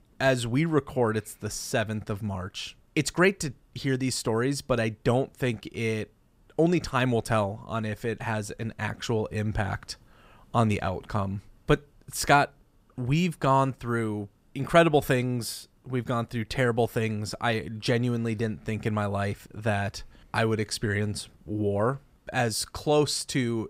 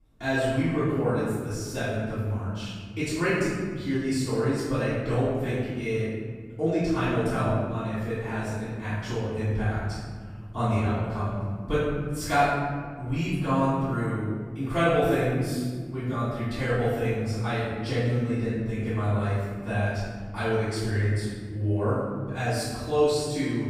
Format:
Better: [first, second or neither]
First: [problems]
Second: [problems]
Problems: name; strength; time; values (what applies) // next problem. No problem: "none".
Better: first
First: none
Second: room echo; strong; dies away in 1.9 s // off-mic speech; far